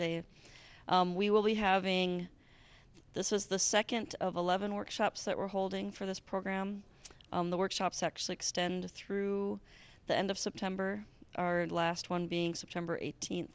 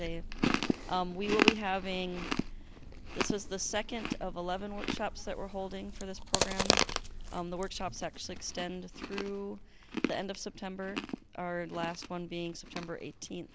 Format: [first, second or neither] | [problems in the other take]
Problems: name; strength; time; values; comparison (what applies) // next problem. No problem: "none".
first | background sound (Chewing, mastication); 2 dB above the speech